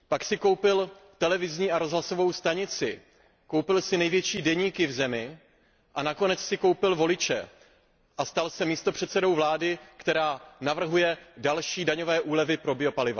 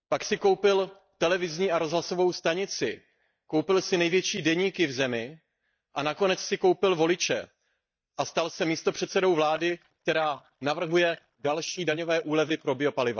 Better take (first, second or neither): first